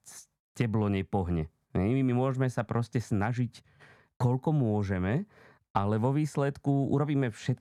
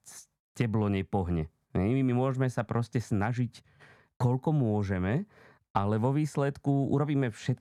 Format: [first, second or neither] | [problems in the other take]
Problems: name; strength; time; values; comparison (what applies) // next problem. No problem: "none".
neither | muffled; slightly; fading above 2 kHz; the same in both